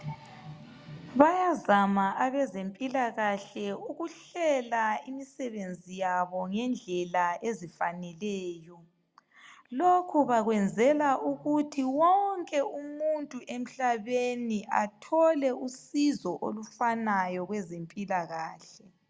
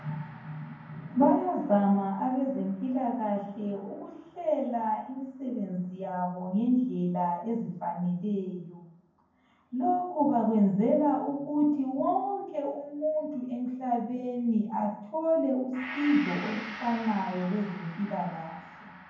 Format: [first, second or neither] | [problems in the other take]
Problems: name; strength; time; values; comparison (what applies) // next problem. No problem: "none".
first | background sound (Gong); 19 dB below the speech // room echo; dies away in 0.9 s